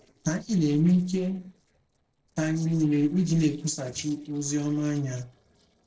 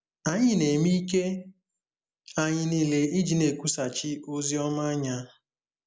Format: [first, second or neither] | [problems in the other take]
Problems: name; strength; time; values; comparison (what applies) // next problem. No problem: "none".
second | noise reduction (neural separator model SepFormer DNS4)